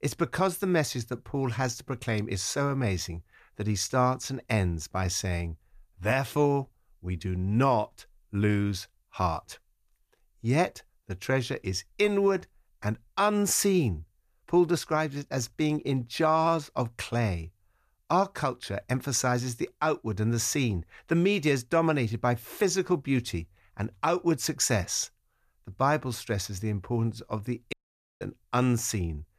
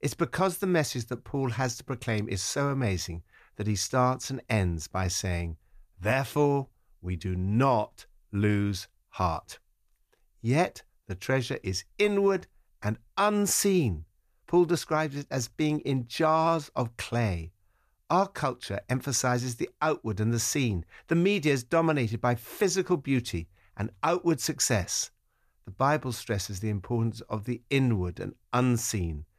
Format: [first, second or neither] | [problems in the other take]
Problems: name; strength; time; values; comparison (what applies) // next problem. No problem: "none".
second | audio cutting out; at 28 s